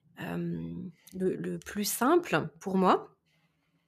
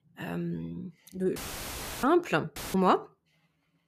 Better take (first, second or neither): first